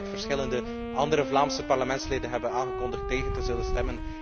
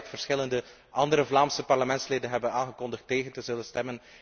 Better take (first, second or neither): second